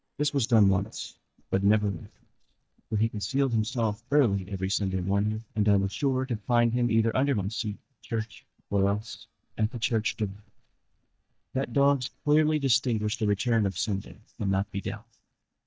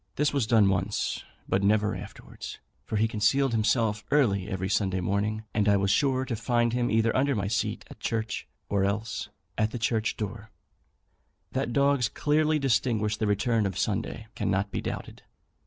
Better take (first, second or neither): second